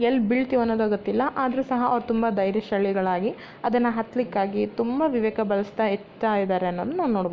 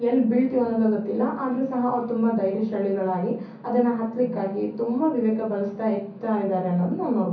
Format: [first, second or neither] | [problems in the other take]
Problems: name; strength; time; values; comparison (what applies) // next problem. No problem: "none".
first | room echo; dies away in 0.6 s